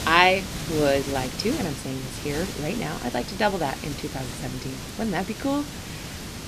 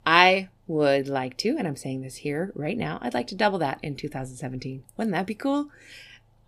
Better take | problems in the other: second | hiss; loud; throughout; 7 dB below the speech

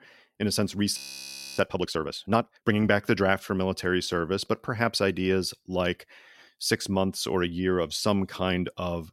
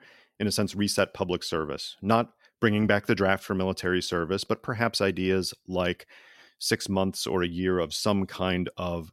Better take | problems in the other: second | audio freezing; at 1 s for 0.5 s

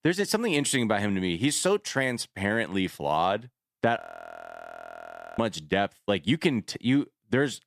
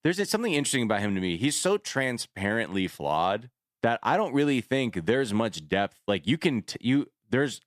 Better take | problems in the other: second | audio freezing; at 4 s for 1.5 s

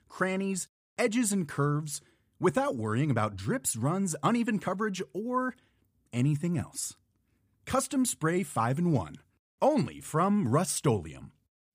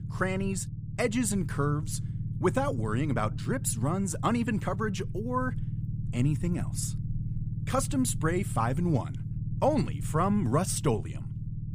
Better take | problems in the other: first | low rumble; noticeable; throughout; 15 dB below the speech

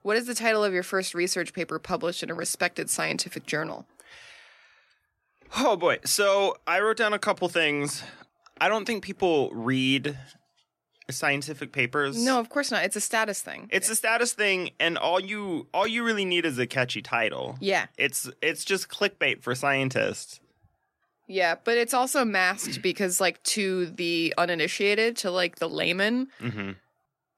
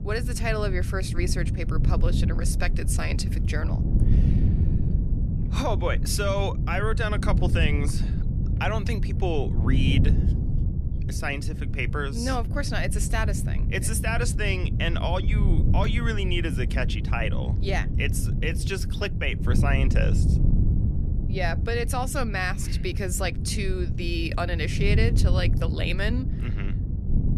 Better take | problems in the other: first | wind noise on the microphone; heavy; 9 dB below the speech

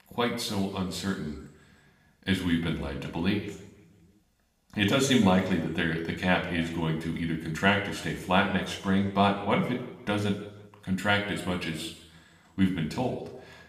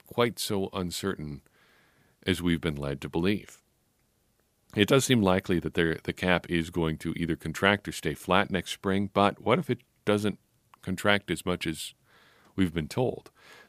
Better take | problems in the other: second | room echo; slight; dies away in 0.9 s // off-mic speech; somewhat distant

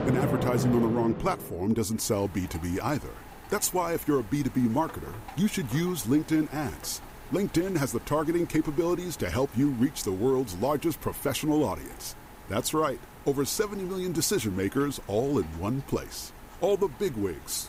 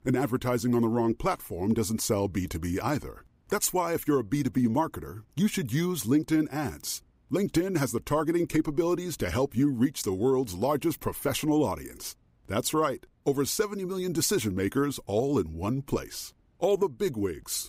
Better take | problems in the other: second | rain or running water; noticeable; throughout; 15 dB below the speech

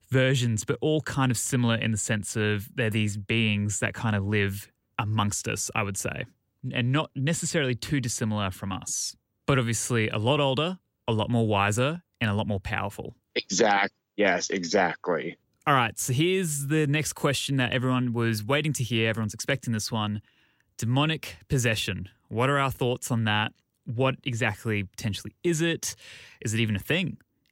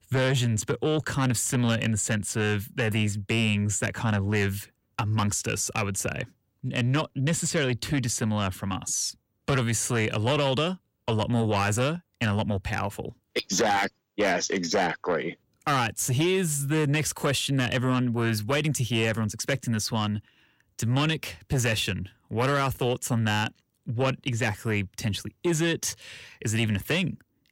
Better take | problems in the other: first | distortion; slight; 10 dB below the speech

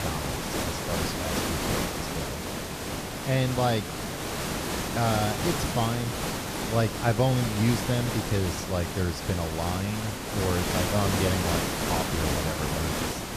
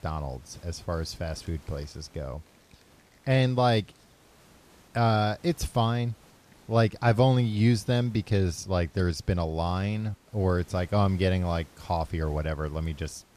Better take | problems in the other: second | hiss; loud; throughout; 1 dB below the speech; faint in the second

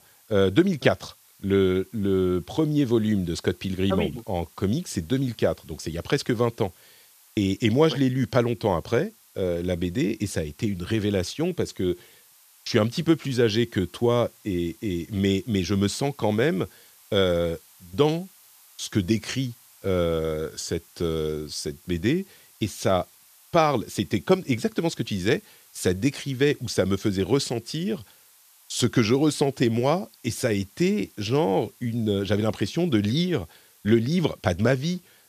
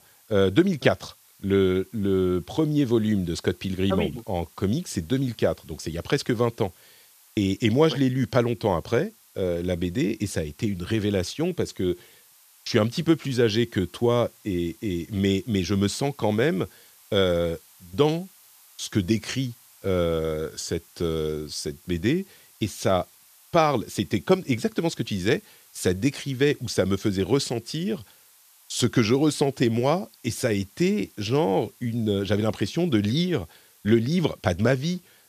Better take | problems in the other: neither | hiss; faint; throughout; 25 dB below the speech; the same in both

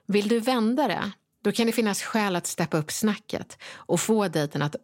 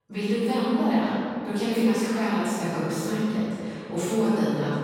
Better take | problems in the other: first | room echo; strong; dies away in 2.8 s // off-mic speech; far

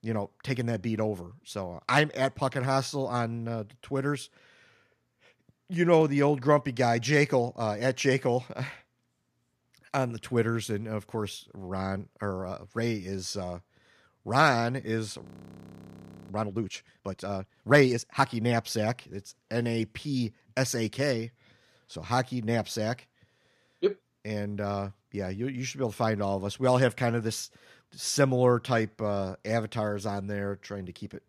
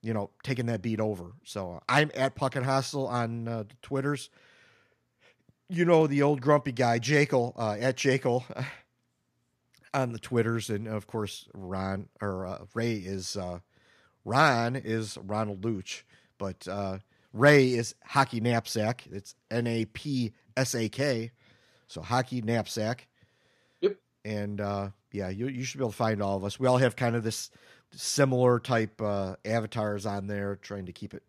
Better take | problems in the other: second | audio freezing; at 15 s for 1 s

